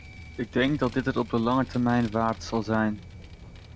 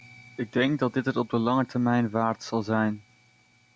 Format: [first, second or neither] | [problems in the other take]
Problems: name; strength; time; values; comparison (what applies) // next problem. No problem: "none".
second | background sound (Vehicle); 16 dB below the speech